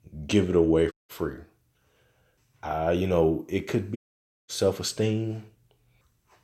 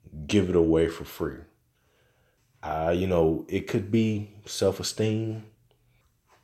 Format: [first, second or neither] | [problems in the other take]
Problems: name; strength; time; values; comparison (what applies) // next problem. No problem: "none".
second | audio cutting out; at 1 s and at 4 s for 0.5 s